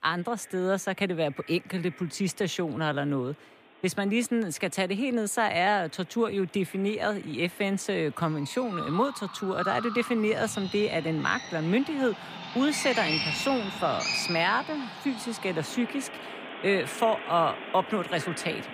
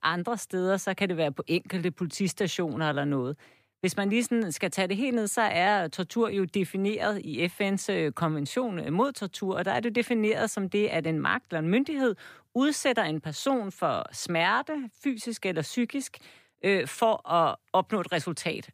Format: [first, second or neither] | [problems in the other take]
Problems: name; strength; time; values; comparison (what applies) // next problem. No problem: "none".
second | animal sounds; loud; throughout; 6 dB below the speech